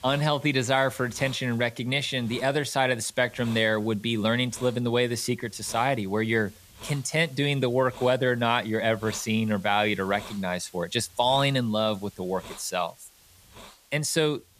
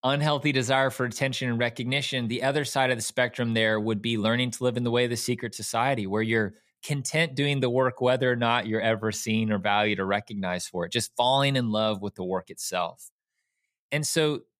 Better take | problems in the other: second | hiss; faint; throughout; 20 dB below the speech

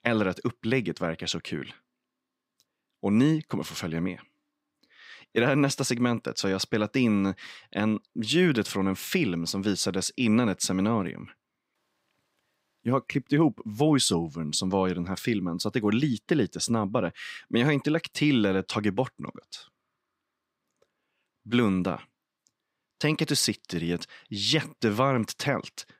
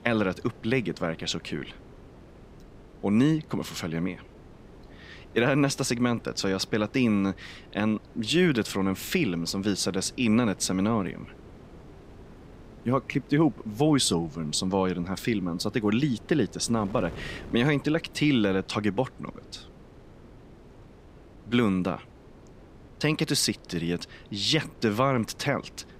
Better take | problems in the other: first | wind noise on the microphone; occasional gusts; 25 dB below the speech

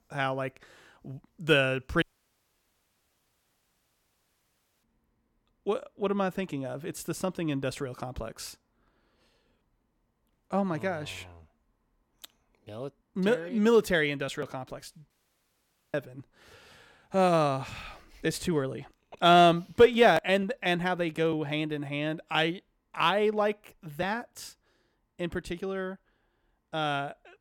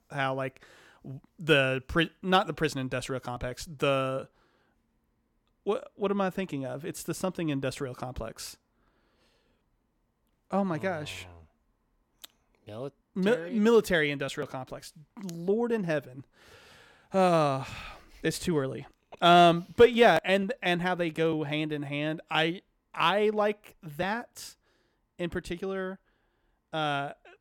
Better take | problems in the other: second | audio cutting out; at 2 s for 3 s and at 15 s for 1 s

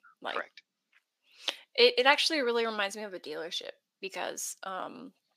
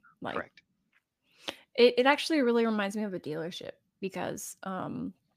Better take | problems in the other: second | thin; somewhat; fading below 450 Hz

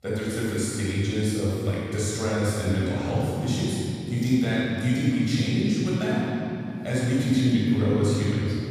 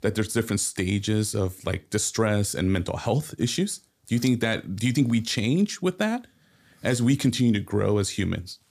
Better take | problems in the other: second | off-mic speech; far // room echo; strong; dies away in 3 s

